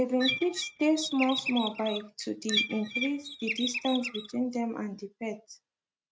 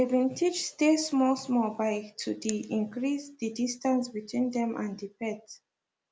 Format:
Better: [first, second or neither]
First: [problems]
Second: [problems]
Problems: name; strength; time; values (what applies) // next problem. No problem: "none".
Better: second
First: noise reduction (neural mask model RNNoise)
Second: none